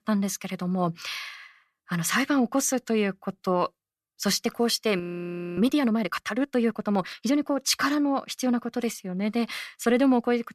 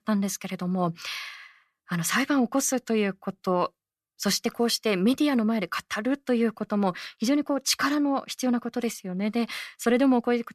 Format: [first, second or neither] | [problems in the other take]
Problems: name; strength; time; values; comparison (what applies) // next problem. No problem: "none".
second | audio freezing; at 5 s for 0.5 s